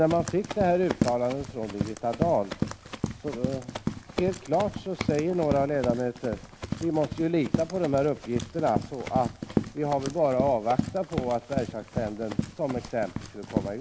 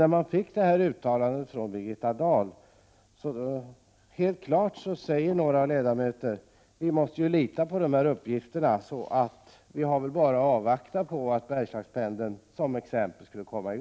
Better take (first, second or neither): second